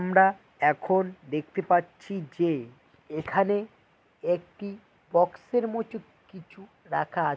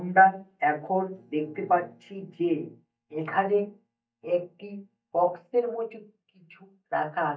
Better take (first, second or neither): first